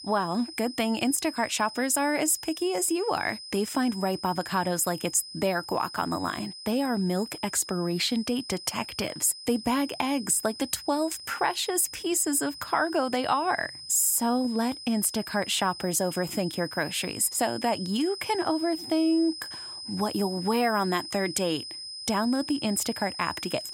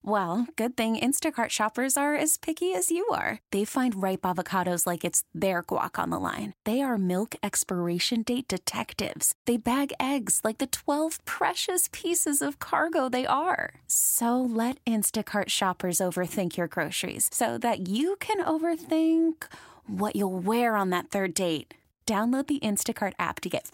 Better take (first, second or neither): second